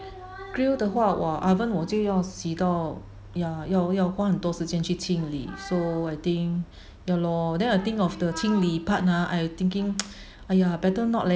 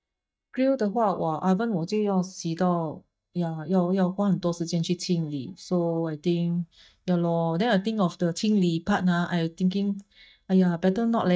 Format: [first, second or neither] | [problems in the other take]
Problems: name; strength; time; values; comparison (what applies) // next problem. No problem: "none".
first | noise reduction (neural mask model DeepFilterNet 3)